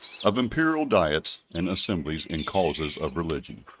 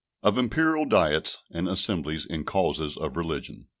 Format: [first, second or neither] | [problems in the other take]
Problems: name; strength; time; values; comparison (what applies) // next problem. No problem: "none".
second | noise reduction (neural mask model RNNoise)